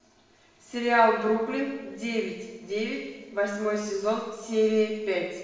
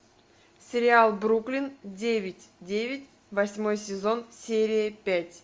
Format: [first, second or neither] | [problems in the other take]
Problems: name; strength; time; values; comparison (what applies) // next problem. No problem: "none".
second | room echo; dies away in 1.2 s